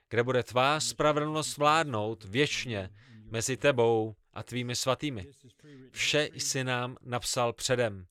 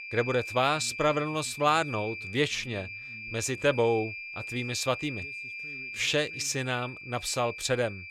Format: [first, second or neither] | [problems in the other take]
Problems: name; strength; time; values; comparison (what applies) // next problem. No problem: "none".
first | high-pitched whine; loud; throughout; 2.5 kHz, 9 dB below the speech